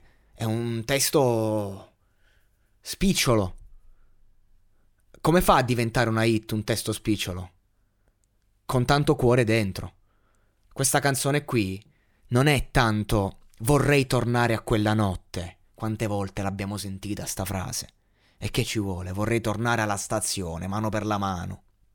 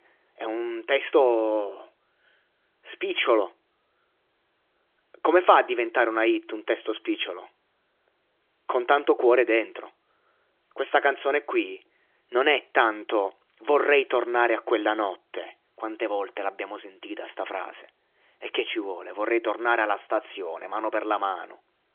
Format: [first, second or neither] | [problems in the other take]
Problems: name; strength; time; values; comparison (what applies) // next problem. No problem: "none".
first | phone-call audio; nothing above 3.5 kHz